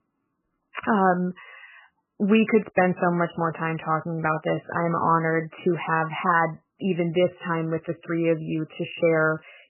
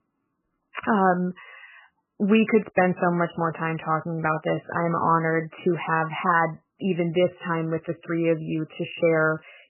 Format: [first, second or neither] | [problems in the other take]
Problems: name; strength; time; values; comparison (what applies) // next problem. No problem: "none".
neither | garbled, watery; badly; nothing above 3 kHz; the same in both